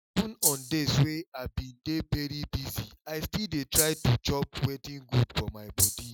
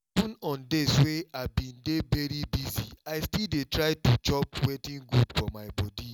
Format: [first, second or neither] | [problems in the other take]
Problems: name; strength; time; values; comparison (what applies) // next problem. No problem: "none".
second | noise reduction (classical method Wiener filter)